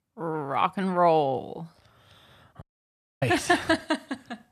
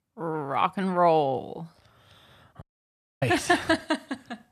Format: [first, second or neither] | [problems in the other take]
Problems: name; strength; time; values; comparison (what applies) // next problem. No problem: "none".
neither | audio cutting out; at 2.5 s for 0.5 s; the same in both